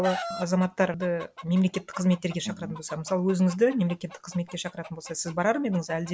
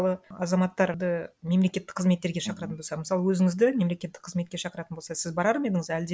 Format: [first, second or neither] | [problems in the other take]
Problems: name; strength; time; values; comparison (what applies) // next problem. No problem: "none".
second | background sound (Chicken, rooster); 15 dB below the speech